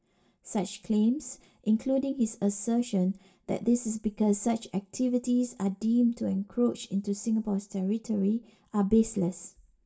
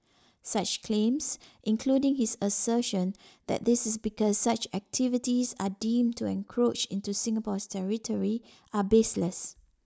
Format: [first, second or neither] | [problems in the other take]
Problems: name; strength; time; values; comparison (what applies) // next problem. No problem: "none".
second | room echo; dies away in 0.2 s